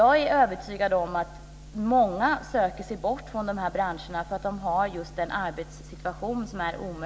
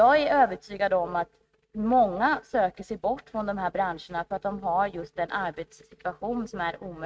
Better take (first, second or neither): first